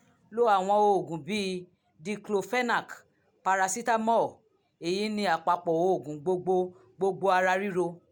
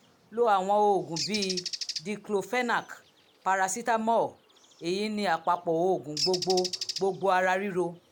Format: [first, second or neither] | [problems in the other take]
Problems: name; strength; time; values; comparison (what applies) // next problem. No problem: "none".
first | background sound (Bird); 11 dB below the speech